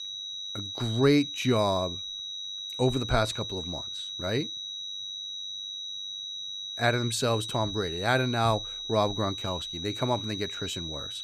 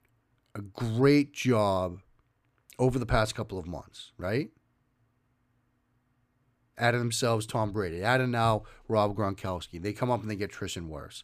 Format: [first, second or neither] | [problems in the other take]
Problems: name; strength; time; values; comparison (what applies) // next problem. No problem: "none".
second | high-pitched whine; loud; throughout; 4 kHz, 6 dB below the speech